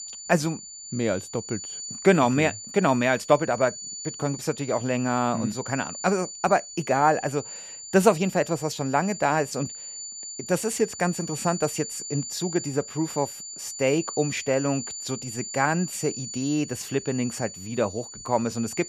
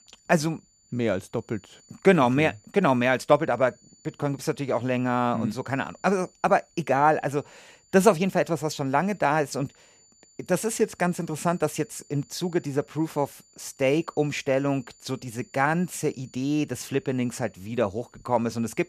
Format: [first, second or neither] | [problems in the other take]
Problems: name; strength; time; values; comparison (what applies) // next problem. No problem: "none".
second | high-pitched whine; loud; throughout; 7 kHz, 10 dB below the speech; faint in the second